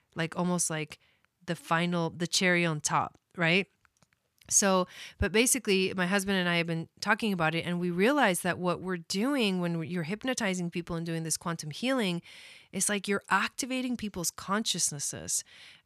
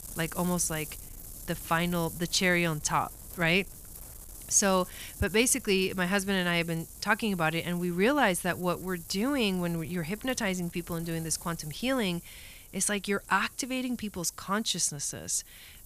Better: first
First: none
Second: wind noise on the microphone; occasional gusts; 20 dB below the speech

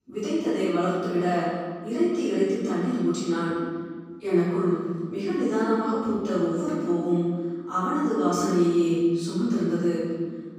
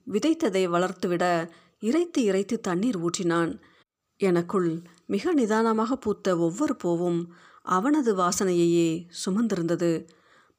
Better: second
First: off-mic speech; far // room echo; strong; dies away in 1.6 s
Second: none

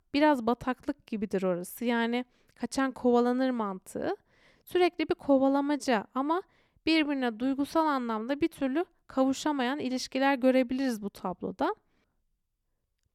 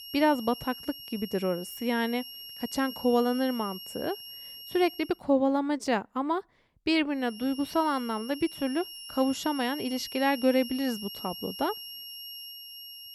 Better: first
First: none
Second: high-pitched whine; noticeable; until 5 s and from 7.5 s on; 3 kHz, 10 dB below the speech

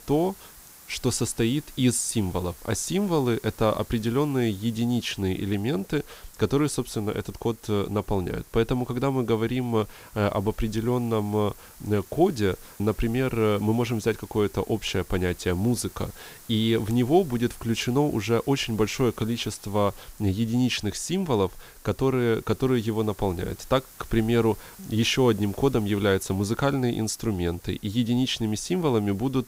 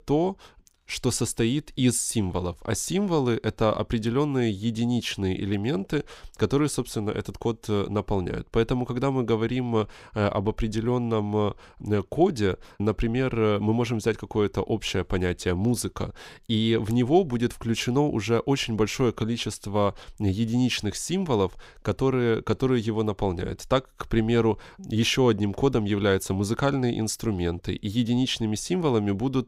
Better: second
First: hiss; faint; throughout; 20 dB below the speech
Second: none

